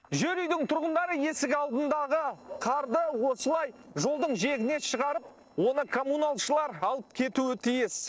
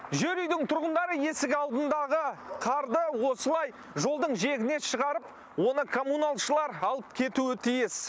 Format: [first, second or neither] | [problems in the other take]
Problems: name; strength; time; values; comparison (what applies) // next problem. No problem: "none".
second | noise reduction (neural separator model SepFormer DNS4)